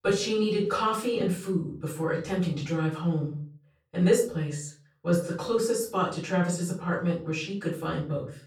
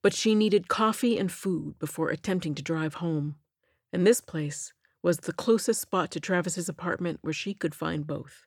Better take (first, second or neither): second